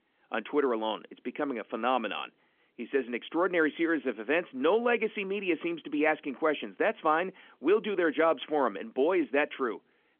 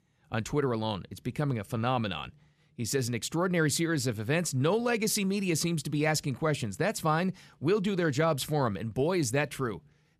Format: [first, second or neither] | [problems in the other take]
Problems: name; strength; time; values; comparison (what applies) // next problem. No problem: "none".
second | phone-call audio; nothing above 3.5 kHz